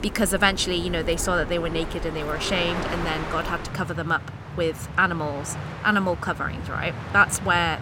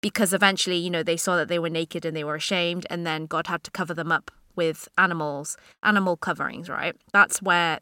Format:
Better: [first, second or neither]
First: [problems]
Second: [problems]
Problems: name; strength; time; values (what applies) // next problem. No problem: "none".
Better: second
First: train or aircraft noise; loud; throughout; 9 dB below the speech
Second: none